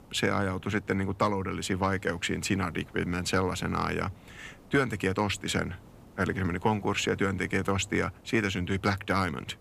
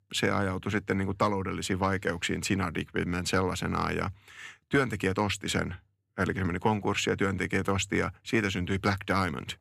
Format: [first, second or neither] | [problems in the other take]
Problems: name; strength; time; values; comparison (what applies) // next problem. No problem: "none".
second | hiss; faint; throughout; 25 dB below the speech